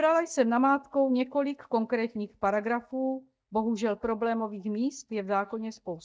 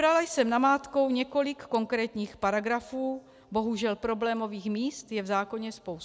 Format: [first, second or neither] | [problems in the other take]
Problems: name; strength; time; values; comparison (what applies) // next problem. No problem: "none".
second | noise reduction (neural mask model DeepFilterNet 3)